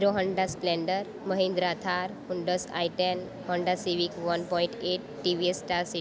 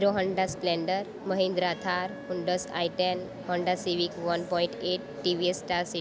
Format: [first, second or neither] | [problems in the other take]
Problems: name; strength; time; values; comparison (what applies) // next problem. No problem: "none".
first | background sound (Wind instrument, woodwind instrument); 19 dB below the speech